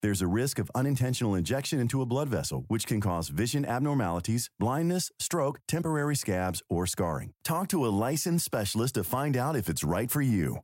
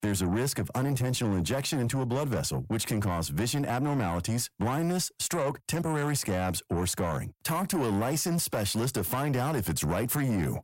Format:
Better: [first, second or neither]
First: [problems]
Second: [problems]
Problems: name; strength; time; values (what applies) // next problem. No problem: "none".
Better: first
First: none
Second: distortion; slight; 10 dB below the speech